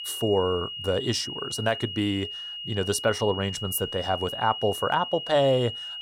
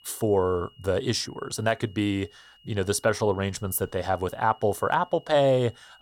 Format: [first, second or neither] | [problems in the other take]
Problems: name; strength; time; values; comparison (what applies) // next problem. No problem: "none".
second | high-pitched whine; loud; throughout; 3 kHz, 7 dB below the speech; faint in the second